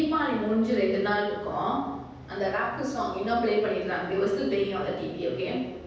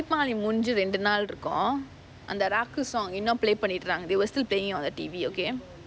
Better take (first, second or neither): second